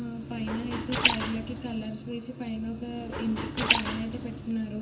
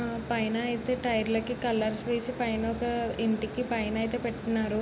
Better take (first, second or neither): second